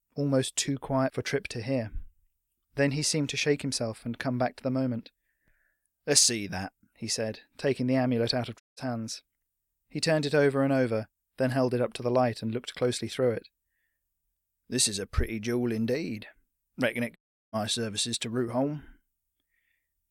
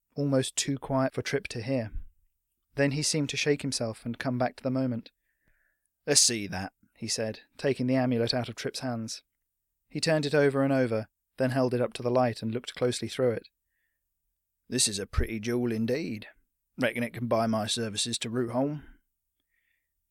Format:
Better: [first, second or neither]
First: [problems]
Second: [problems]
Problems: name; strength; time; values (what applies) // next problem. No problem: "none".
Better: second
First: audio cutting out; at 8.5 s and at 17 s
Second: none